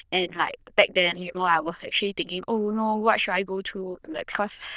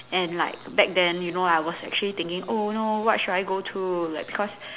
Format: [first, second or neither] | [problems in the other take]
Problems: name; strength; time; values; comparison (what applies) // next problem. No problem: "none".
second | noise reduction (neural diffusion model UNIVERSE++)